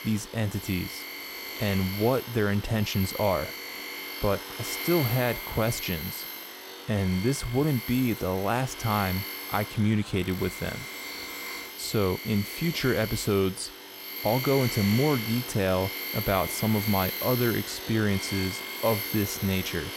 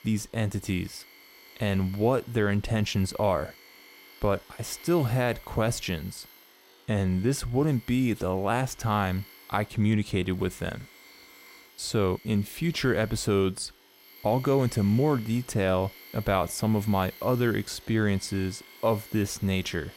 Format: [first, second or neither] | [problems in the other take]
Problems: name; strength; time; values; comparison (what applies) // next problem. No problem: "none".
second | machinery noise; loud; throughout; 6 dB below the speech; faint in the second